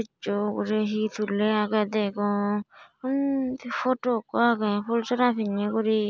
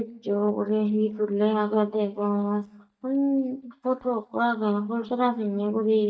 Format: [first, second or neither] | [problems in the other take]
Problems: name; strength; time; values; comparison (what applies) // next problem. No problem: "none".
first | noise reduction (neural mask model DeepFilterNet 3)